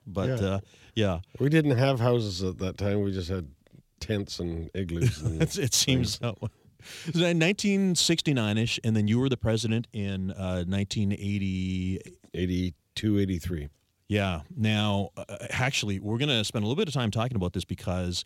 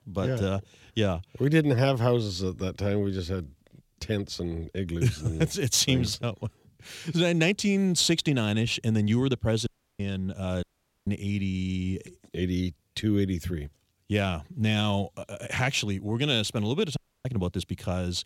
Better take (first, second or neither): first